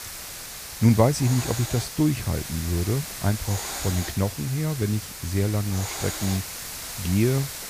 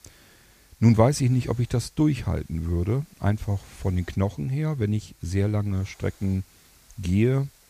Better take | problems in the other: second | hiss; loud; throughout; 7 dB below the speech; faint in the second

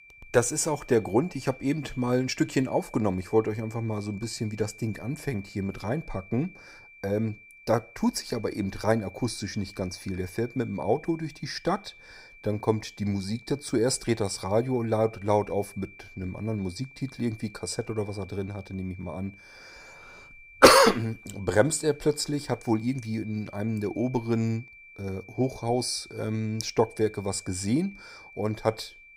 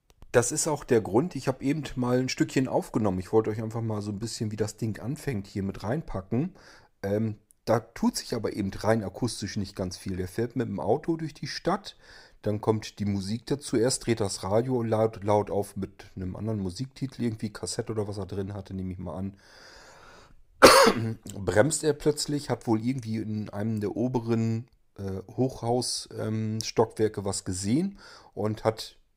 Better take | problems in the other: second | high-pitched whine; faint; throughout; 2.5 kHz, 20 dB below the speech

